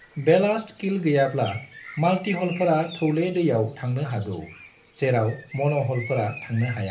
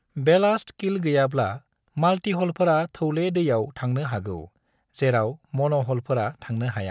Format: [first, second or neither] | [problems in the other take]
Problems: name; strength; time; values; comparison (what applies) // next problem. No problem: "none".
second | background sound (Bird); 19 dB below the speech // room echo; dies away in 0.3 s